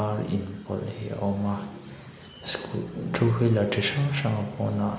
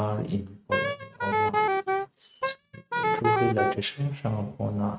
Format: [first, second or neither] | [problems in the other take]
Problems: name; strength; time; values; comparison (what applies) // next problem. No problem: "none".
first | noise reduction (neural mask model RNNoise)